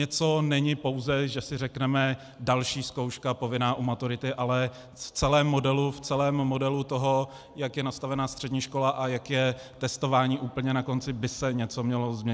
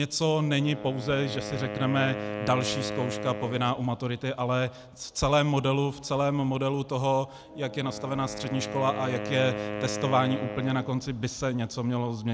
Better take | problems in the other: first | background sound (Wind instrument, woodwind instrument); 9 dB below the speech

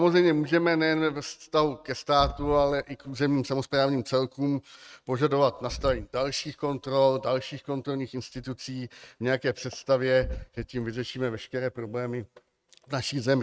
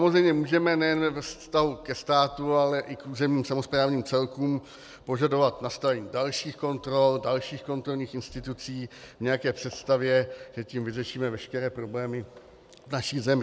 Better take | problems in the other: second | noise reduction (neural mask model RNNoise)

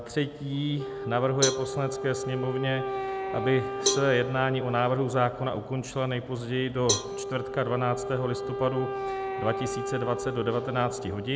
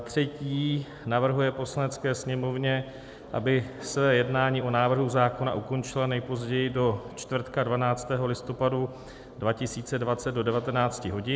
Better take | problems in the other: second | background sound (Wind instrument, woodwind instrument + Cowbell); 4 dB below the speech

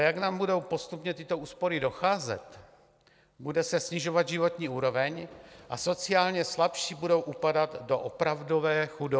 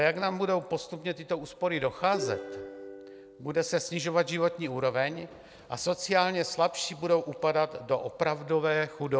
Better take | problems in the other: first | background sound (Plucked string instrument); 10 dB below the speech

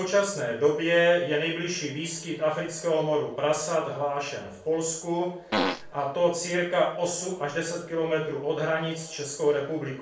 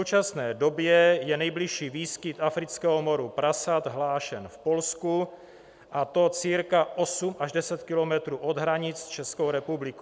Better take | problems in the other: second | background sound (Fart); as loud as the speech // room echo; dies away in 0.4 s

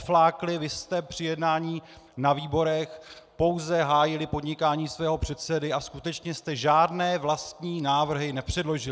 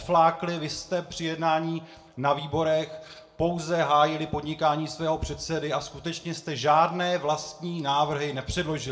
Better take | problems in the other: first | room echo; dies away in 0.5 s

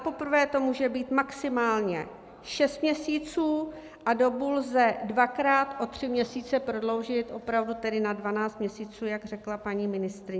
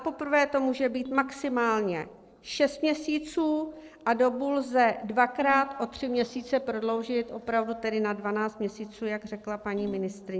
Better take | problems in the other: first | noise reduction (neural separator model SepFormer DNS4)

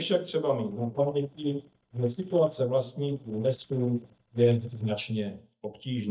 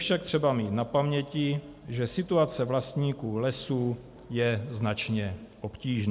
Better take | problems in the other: second | noise reduction (neural mask model DeepFilterNet 3)

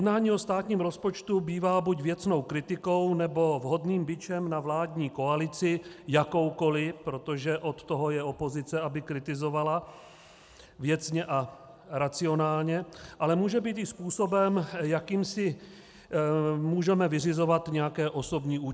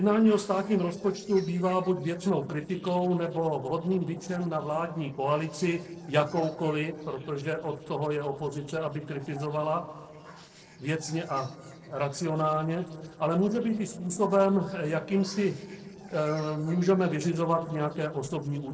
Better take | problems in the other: first | noise reduction (neural separator model SepFormer DNS4)

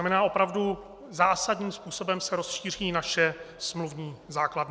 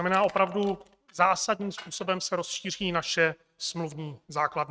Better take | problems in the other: first | noise reduction (neural mask model RNNoise)

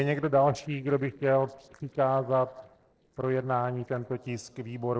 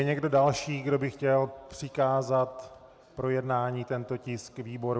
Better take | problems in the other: second | noise reduction (neural separator model SepFormer DNS4)

